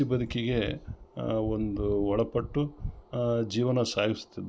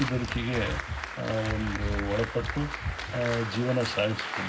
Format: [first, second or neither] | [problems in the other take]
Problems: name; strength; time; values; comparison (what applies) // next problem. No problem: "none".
first | background sound (Applause); 6 dB below the speech // room echo; dies away in 0.4 s